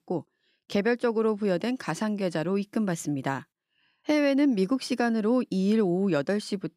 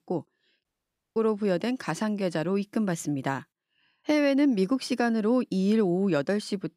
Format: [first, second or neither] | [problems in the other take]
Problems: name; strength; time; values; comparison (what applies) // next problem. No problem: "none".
first | audio cutting out; at 0.5 s for 0.5 s